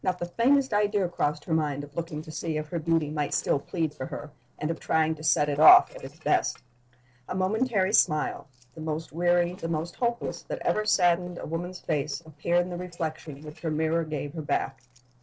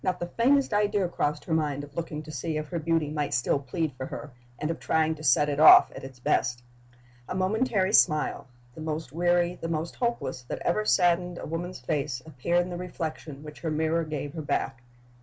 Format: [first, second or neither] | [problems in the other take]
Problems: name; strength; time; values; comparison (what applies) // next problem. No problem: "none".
second | noise reduction (neural separator model SepFormer DNS4)